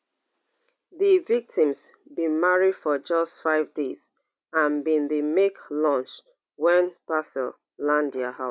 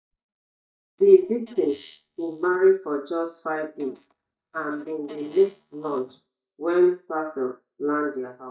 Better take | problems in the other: first | noise reduction (neural mask model DeepFilterNet 3)

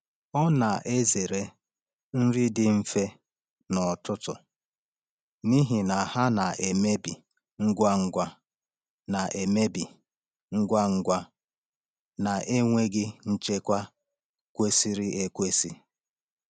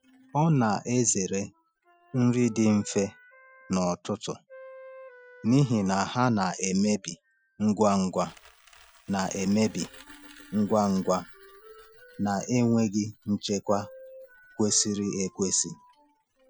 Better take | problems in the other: first | noise reduction (classical method Wiener filter)

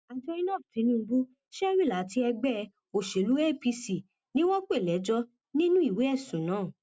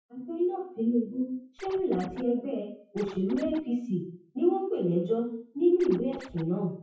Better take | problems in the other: first | noise reduction (classical method WPE with log-MMSE)

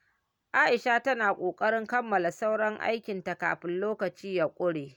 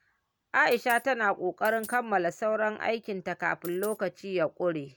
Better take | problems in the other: first | background sound (Coin (dropping)); 17 dB below the speech

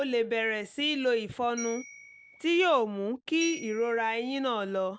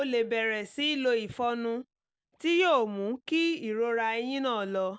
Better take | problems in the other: second | background sound (Bell); 17 dB below the speech

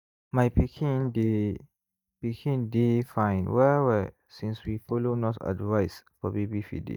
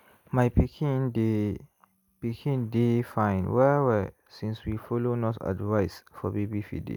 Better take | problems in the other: second | noise reduction (neural mask model DeepFilterNet 3)

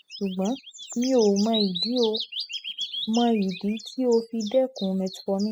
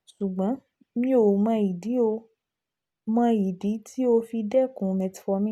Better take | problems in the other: second | noise reduction (classical method spectral subtraction)

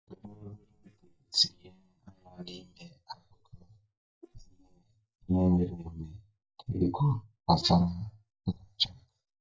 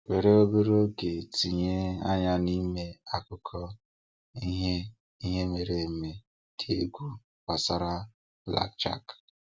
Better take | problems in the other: second | noise reduction (neural mask model DeepFilterNet 3)

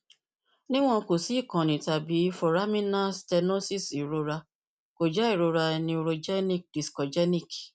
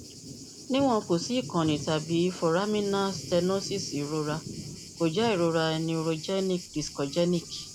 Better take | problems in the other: first | background sound (Thunder); 13 dB below the speech

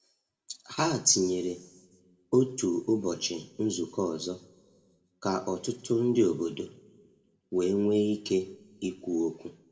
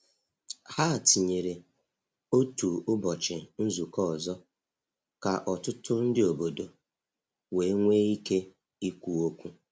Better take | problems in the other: second | room echo; dies away in 0.7 s

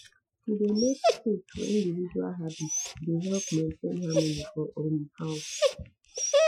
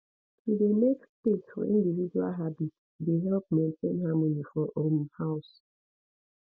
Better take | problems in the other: second | noise reduction (classical method Wiener filter)

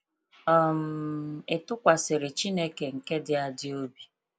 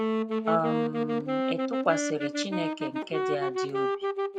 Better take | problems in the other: first | background sound (Wind instrument, woodwind instrument); 3 dB above the speech

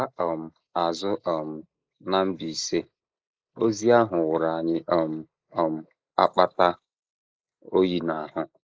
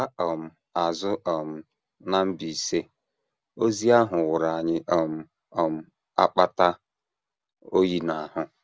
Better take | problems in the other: second | noise reduction (neural mask model Resemble Enhance denoiser)

